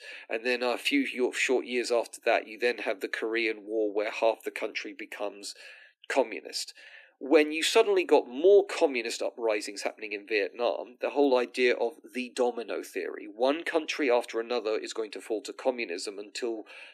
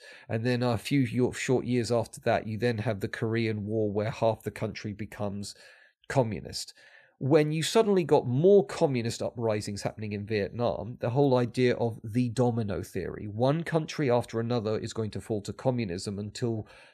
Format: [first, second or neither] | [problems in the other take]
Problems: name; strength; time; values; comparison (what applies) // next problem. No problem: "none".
second | thin; somewhat; fading below 300 Hz